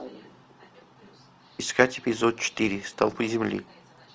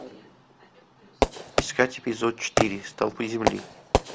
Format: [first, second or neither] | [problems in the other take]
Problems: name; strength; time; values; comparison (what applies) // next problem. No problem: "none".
first | background sound (Fireworks); 1 dB above the speech